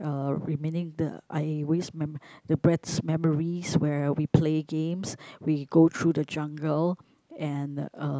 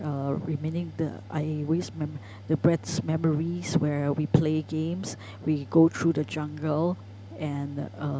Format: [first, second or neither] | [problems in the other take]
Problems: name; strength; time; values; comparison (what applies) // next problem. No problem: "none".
first | background sound (Mechanical fan); 16 dB below the speech